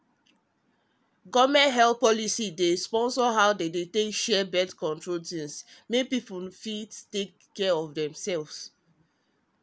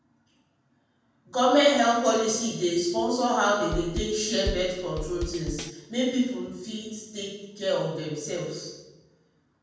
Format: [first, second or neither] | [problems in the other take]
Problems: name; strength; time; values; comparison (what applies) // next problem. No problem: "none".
first | background sound (Drum kit); 7 dB below the speech // room echo; dies away in 1.1 s